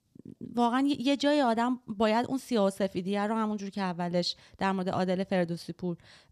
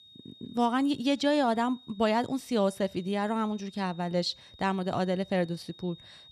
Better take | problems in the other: first | high-pitched whine; faint; throughout; 3.5 kHz, 25 dB below the speech

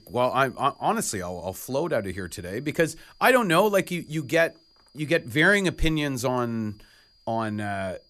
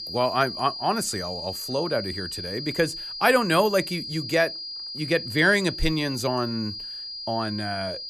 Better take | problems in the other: first | high-pitched whine; loud; throughout; 5 kHz, 7 dB below the speech; faint in the first

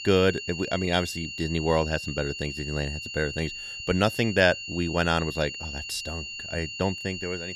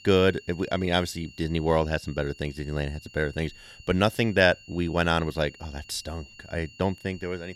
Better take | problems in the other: second | high-pitched whine; loud; throughout; 3 kHz, 7 dB below the speech; faint in the second

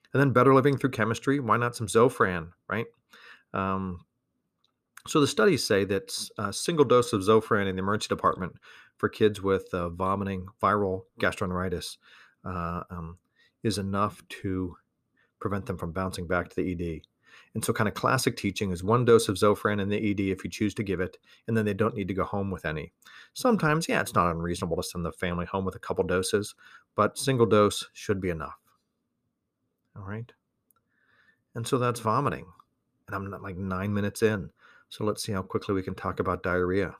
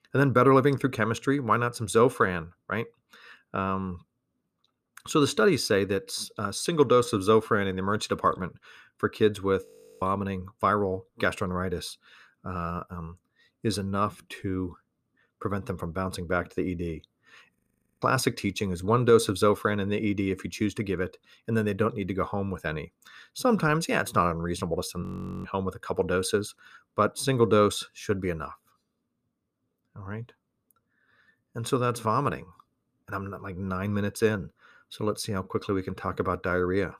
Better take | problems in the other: first | audio freezing; at 9.5 s, at 18 s and at 25 s

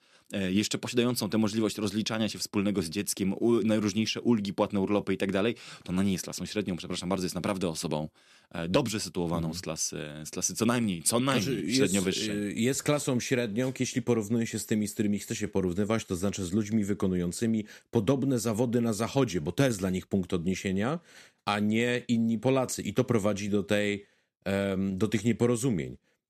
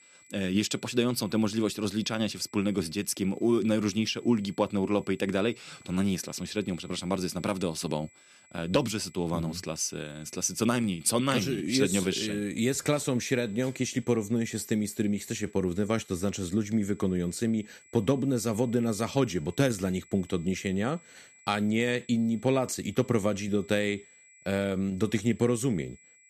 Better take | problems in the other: first | high-pitched whine; faint; throughout; 8 kHz, 25 dB below the speech

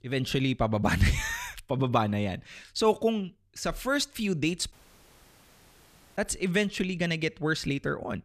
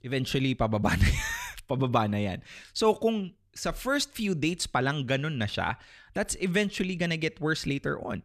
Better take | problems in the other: second | audio cutting out; at 4.5 s for 1.5 s

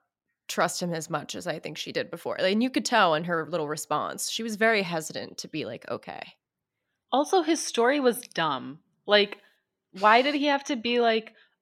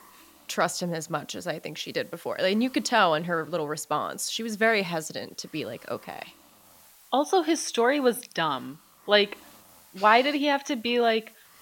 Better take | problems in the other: first | hiss; faint; throughout; 25 dB below the speech

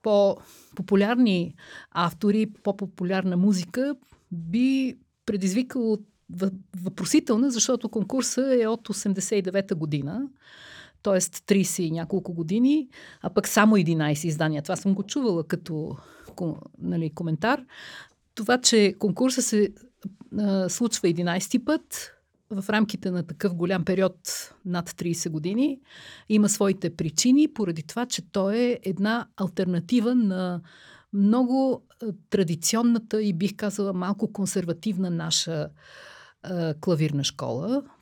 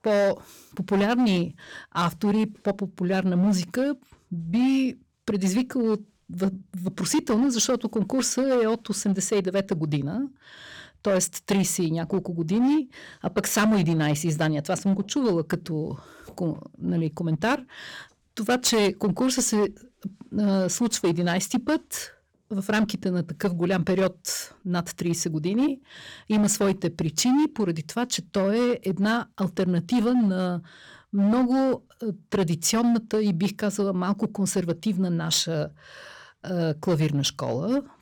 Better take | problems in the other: first | distortion; slight; 9% of the sound clipped

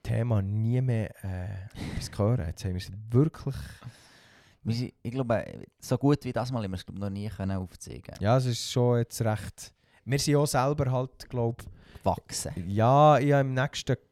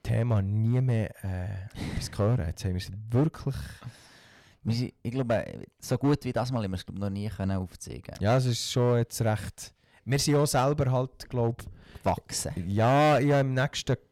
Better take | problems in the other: first | distortion; slight; 4% of the sound clipped

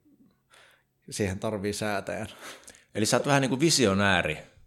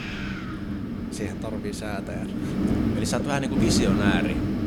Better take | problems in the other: first | wind noise on the microphone; heavy; 2 dB below the speech

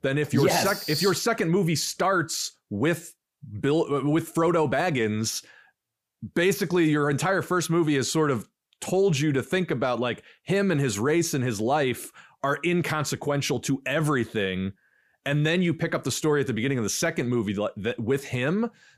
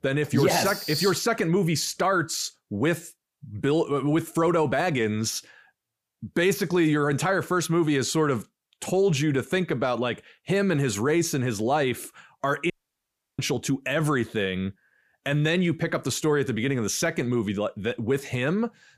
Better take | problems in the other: first | audio cutting out; at 13 s for 0.5 s

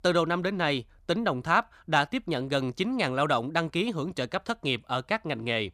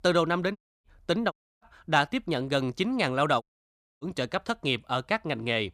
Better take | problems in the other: first | audio cutting out; at 0.5 s, at 1.5 s and at 3.5 s for 0.5 s

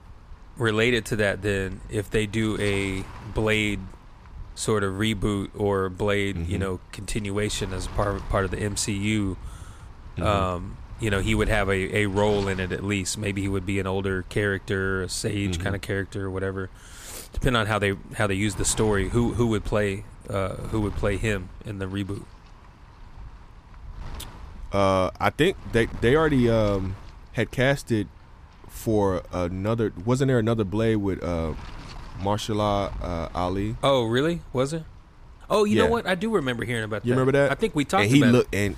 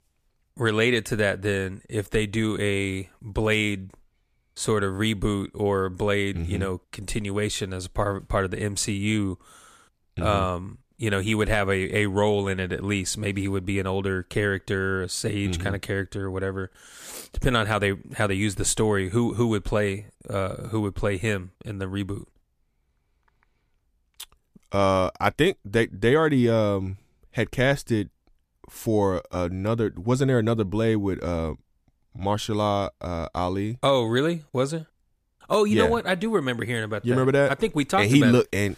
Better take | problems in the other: second | wind noise on the microphone; occasional gusts; 20 dB below the speech

